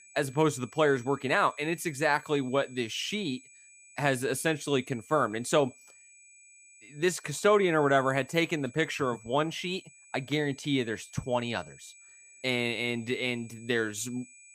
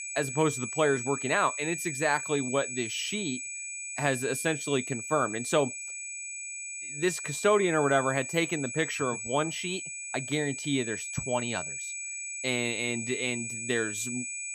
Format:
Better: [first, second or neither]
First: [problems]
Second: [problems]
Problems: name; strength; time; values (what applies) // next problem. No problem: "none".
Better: first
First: high-pitched whine; faint; throughout; 2.5 kHz, 25 dB below the speech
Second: high-pitched whine; loud; throughout; 2.5 kHz, 5 dB below the speech